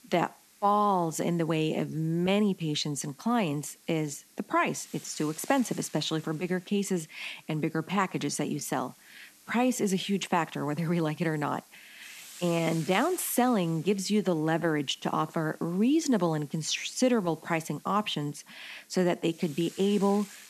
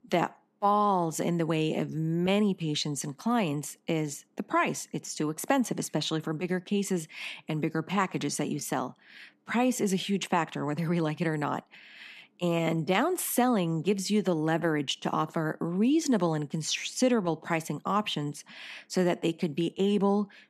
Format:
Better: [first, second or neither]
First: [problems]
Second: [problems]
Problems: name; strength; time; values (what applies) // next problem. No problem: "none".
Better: second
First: hiss; faint; throughout; 20 dB below the speech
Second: none